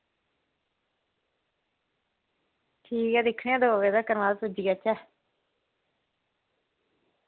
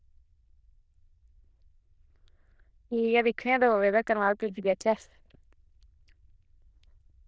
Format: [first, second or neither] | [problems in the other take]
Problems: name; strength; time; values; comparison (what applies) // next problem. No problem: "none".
first | noise reduction (neural diffusion model UNIVERSE++)